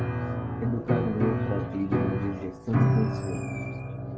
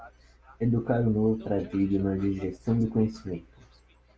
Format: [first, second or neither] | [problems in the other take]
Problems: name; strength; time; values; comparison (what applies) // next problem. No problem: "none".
second | background sound (Piano); 3 dB above the speech